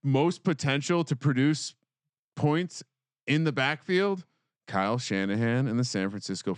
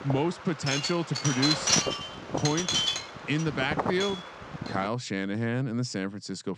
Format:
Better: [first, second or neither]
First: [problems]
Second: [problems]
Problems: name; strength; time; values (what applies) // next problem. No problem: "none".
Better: first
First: none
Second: wind noise on the microphone; heavy; until 5 s; 4 dB above the speech